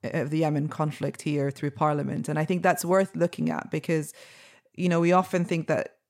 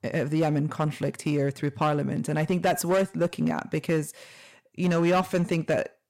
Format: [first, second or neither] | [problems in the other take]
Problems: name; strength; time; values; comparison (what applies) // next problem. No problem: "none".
first | distortion; slight; 5% of the sound clipped